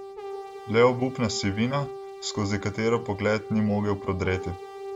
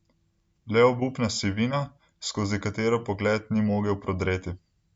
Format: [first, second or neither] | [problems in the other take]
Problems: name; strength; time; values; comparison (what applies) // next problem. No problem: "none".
second | background sound (Brass instrument); 12 dB below the speech